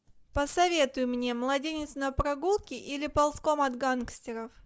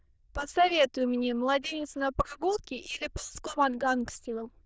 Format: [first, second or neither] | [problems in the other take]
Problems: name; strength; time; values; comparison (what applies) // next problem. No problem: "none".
first | noise reduction (neural diffusion model UNIVERSE++)